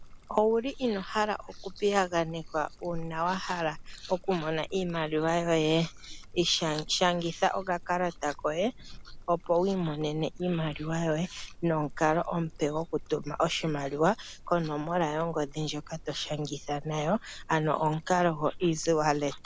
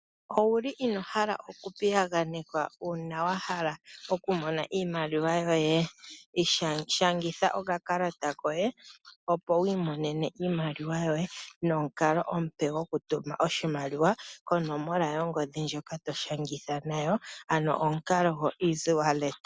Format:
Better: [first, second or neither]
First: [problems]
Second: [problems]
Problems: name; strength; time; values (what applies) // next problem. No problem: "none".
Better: second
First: background sound (Trickle, dribble); 15 dB below the speech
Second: none